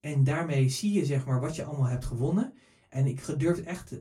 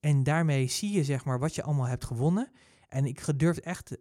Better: second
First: off-mic speech; far // room echo; very slight; dies away in 0.2 s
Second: none

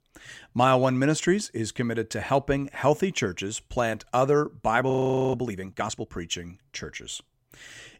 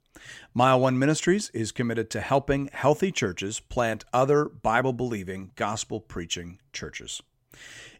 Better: second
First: audio freezing; at 5 s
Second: none

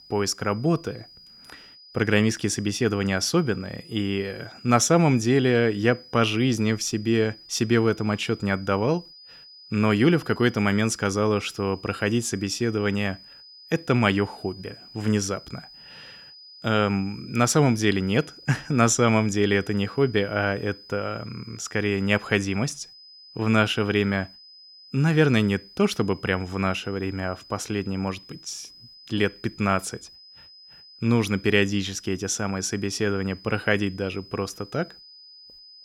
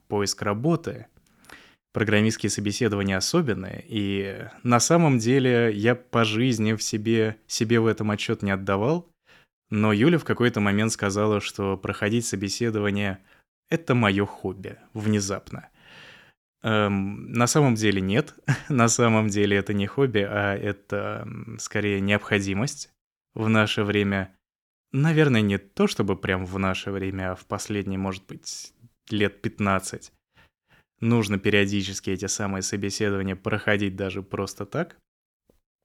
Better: second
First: high-pitched whine; faint; throughout; 5 kHz, 20 dB below the speech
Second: none

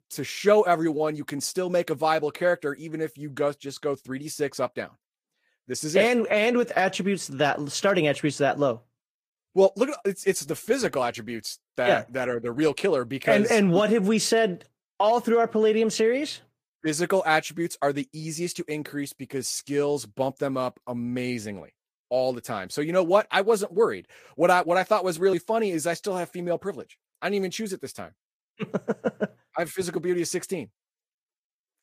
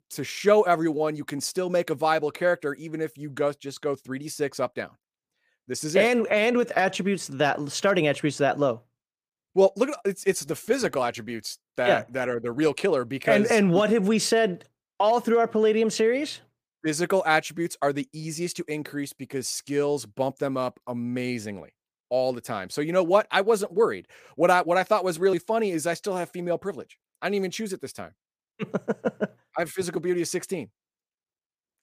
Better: second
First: garbled, watery; slightly; nothing above 15 kHz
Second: none

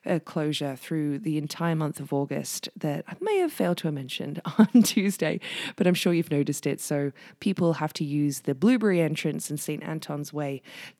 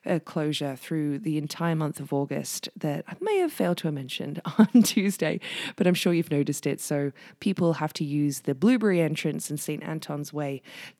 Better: neither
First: none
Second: none

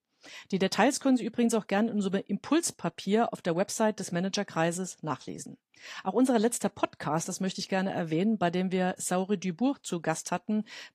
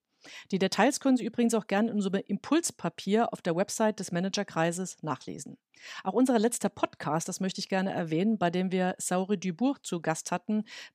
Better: second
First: garbled, watery; slightly; nothing above 15 kHz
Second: none

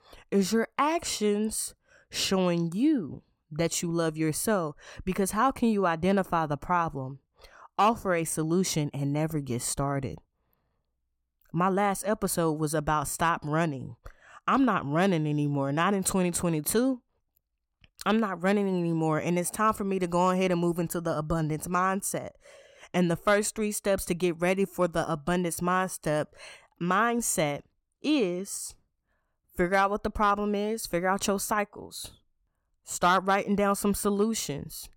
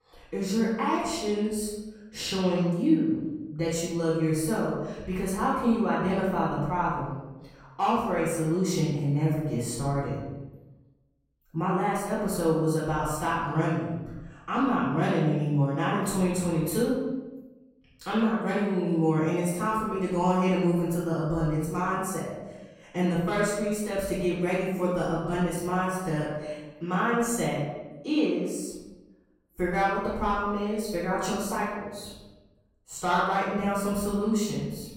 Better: first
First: none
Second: off-mic speech; far // room echo; noticeable; dies away in 1 s

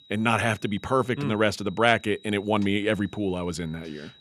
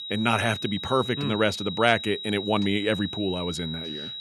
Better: first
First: high-pitched whine; faint; throughout; 4 kHz, 25 dB below the speech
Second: high-pitched whine; loud; throughout; 4 kHz, 8 dB below the speech

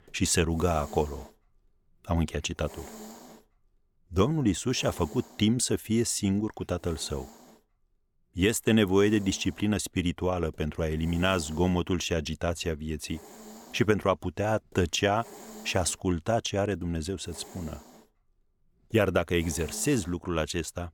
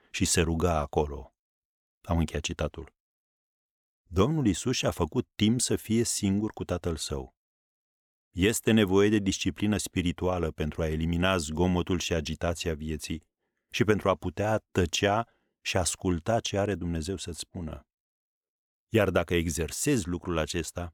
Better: second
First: hiss; faint; throughout; 20 dB below the speech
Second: none

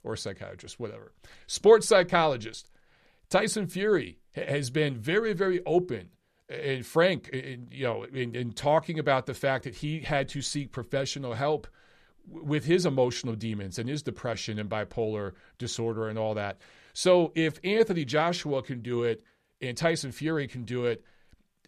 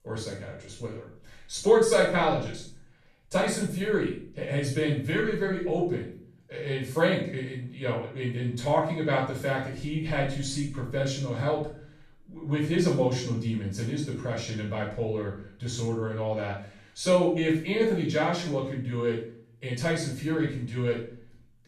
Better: first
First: none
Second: off-mic speech; far // room echo; noticeable; dies away in 0.5 s

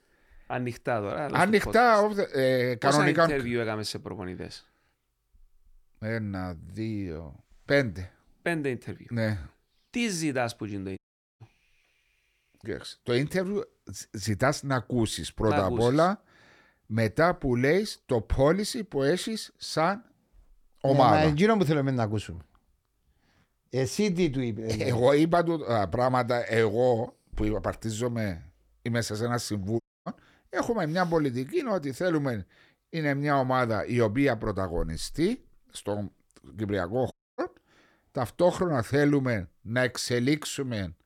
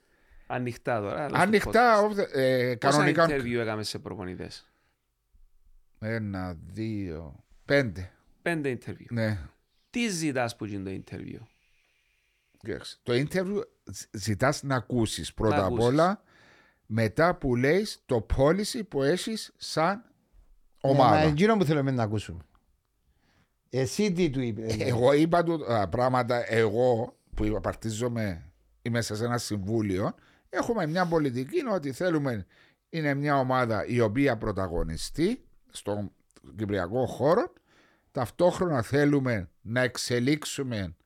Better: second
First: audio cutting out; at 11 s, at 30 s and at 37 s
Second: none

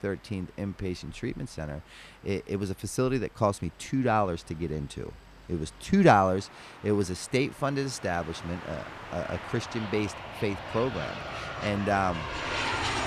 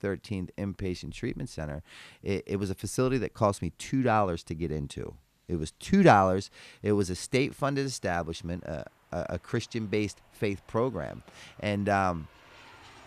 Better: second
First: train or aircraft noise; loud; throughout; 7 dB below the speech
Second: train or aircraft noise; faint; throughout; 30 dB below the speech

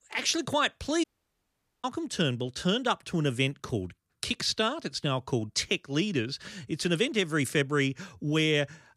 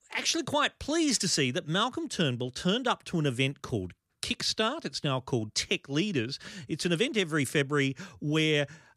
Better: second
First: audio cutting out; at 1 s for 1 s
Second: none

